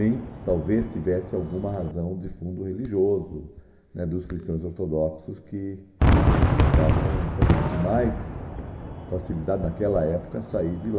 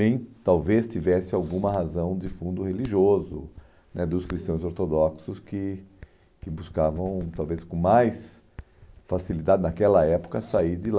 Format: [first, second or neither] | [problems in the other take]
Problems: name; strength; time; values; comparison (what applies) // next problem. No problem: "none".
second | background sound (Fireworks); 1 dB above the speech // room echo; dies away in 1.4 s